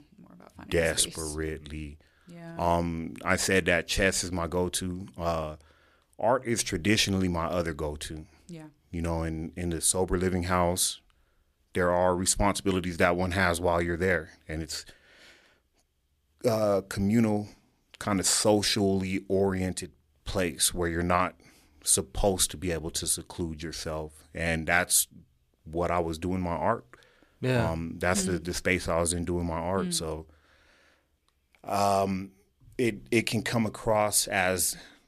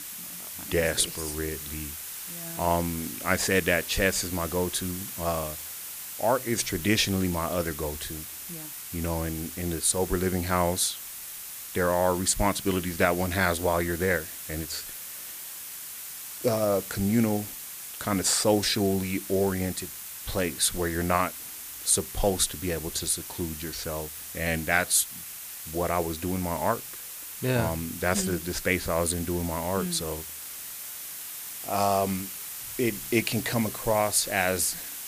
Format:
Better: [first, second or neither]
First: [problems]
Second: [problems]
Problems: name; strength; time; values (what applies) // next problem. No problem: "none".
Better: first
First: none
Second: hiss; loud; throughout; 9 dB below the speech